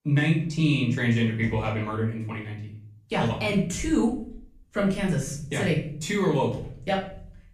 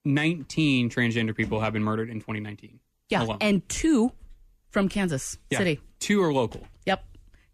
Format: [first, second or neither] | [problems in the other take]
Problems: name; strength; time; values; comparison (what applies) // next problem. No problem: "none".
second | off-mic speech; far // room echo; slight; dies away in 0.6 s